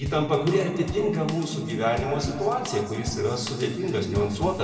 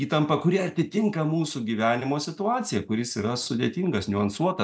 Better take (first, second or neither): second